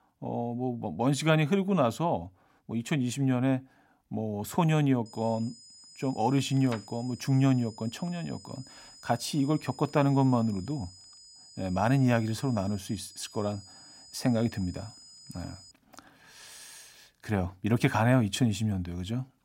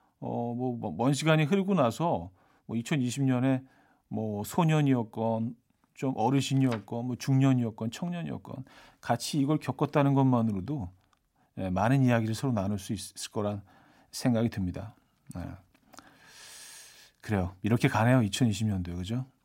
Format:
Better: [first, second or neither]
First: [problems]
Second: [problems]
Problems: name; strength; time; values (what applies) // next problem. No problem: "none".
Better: second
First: high-pitched whine; faint; from 5 to 16 s; 5 kHz, 20 dB below the speech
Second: none